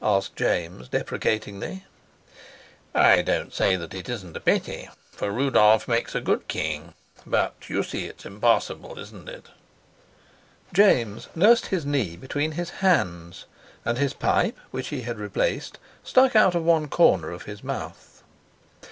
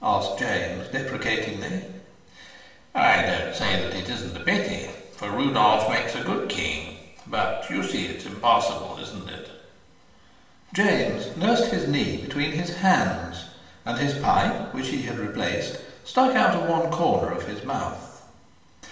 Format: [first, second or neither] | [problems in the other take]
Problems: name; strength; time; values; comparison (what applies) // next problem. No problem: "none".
first | room echo; dies away in 1.1 s